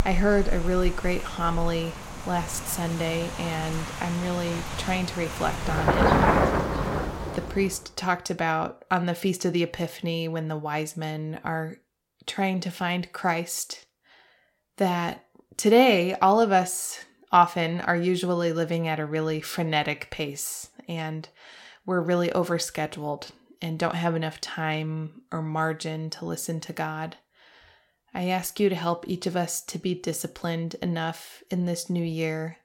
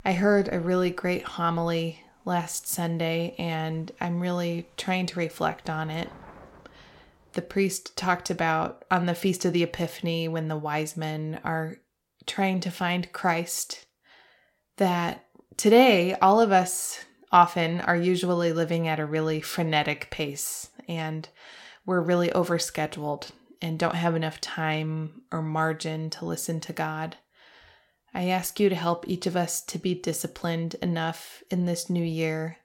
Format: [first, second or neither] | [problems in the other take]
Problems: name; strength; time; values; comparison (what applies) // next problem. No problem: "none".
second | rain or running water; loud; until 7.5 s; 2 dB below the speech; faint in the second